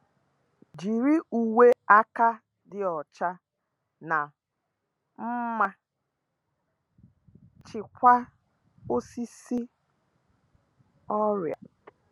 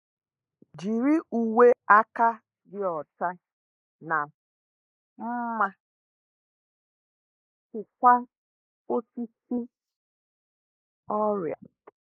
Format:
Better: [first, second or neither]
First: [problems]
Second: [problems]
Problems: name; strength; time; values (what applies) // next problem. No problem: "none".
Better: first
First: none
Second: noise reduction (neural mask model Resemble Enhance denoiser)